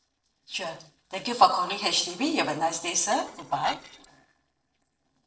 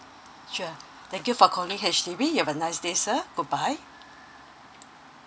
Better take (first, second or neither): second